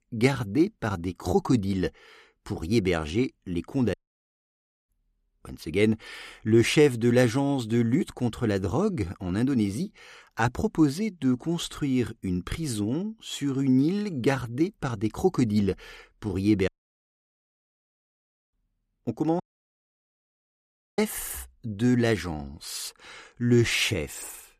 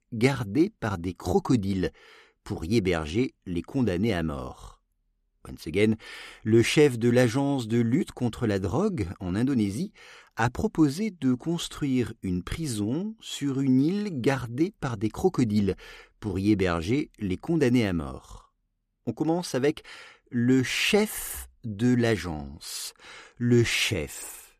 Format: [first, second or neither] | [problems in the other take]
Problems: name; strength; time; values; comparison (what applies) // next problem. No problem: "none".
second | audio cutting out; at 4 s for 1 s, at 17 s for 2 s and at 19 s for 1.5 s